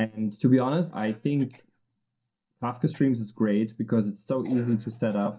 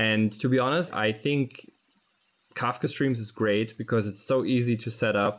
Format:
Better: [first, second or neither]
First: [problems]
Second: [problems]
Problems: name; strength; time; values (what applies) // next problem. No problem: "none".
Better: second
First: noise reduction (neural mask model DeepFilterNet 3)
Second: none